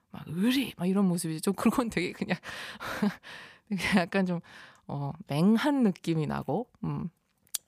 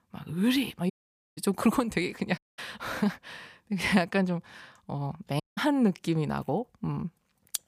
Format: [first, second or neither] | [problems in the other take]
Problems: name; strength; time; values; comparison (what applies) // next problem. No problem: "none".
first | audio cutting out; at 1 s, at 2.5 s and at 5.5 s